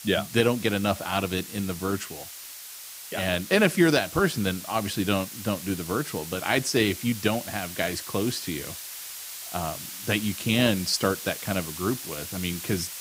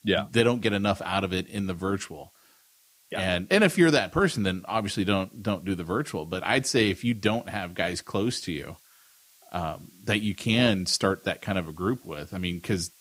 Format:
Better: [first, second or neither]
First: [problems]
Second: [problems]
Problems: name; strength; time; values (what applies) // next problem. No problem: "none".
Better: second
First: hiss; loud; throughout; 10 dB below the speech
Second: hiss; faint; throughout; 30 dB below the speech